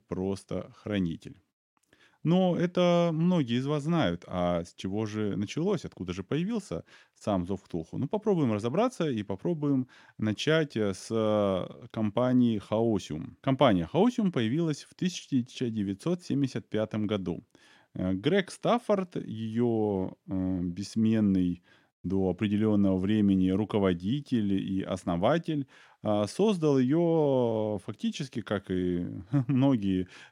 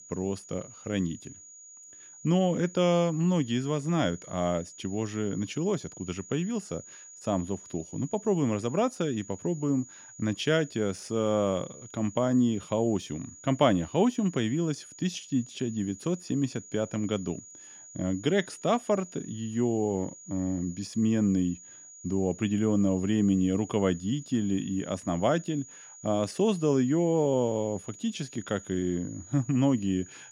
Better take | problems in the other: first | high-pitched whine; noticeable; throughout; 7 kHz, 15 dB below the speech

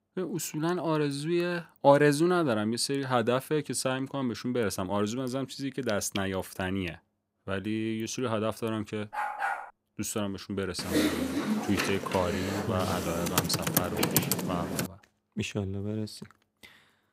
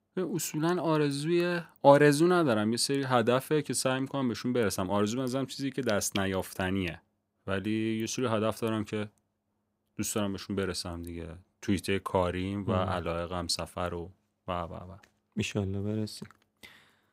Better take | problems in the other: second | dog barking; noticeable; at 9 s; peak 1 dB below the speech // keyboard typing; loud; from 11 to 15 s; peak 4 dB above the speech

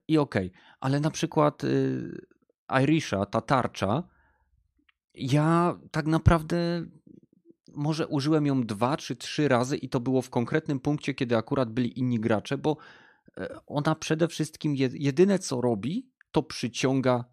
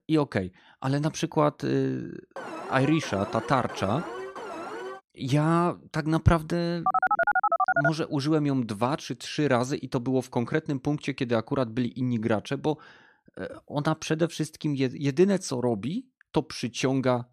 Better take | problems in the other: first | alarm; noticeable; from 2.5 to 5 s; peak 9 dB below the speech // phone ringing; loud; from 7 to 8 s; peak 4 dB above the speech

